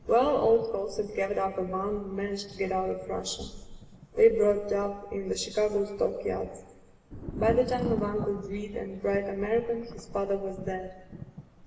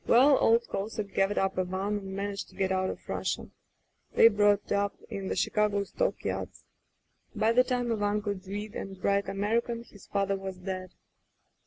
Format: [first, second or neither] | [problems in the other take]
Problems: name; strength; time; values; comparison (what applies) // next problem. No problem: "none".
second | background sound (Thunder); 13 dB below the speech // room echo; dies away in 1.2 s